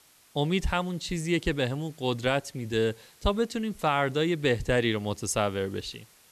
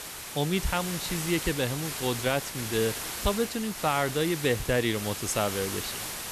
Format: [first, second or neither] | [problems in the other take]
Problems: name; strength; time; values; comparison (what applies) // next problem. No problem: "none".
first | hiss; loud; throughout; 5 dB below the speech; faint in the first